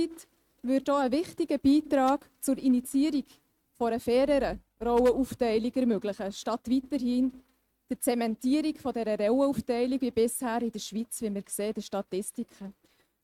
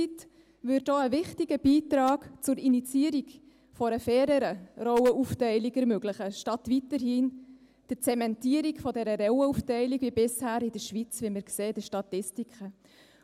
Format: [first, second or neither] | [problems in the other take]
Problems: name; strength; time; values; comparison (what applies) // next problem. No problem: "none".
second | noise reduction (neural mask model RNNoise)